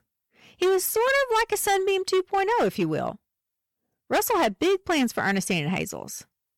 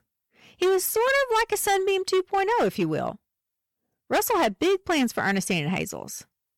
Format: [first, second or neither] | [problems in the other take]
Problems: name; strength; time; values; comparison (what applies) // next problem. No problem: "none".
neither | distortion; slight; 10% of the sound clipped; the same in both